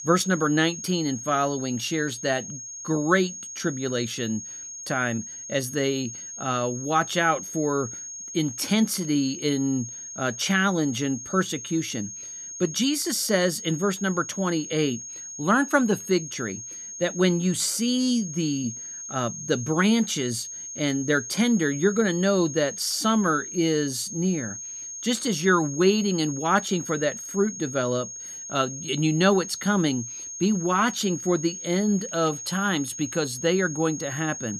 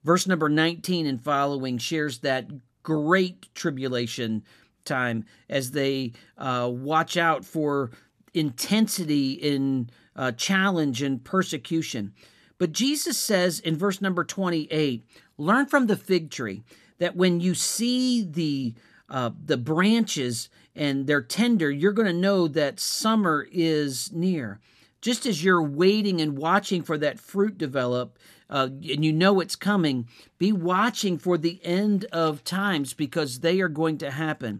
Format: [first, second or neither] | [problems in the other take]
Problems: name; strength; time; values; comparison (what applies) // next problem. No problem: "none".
second | high-pitched whine; loud; throughout; 6.5 kHz, 9 dB below the speech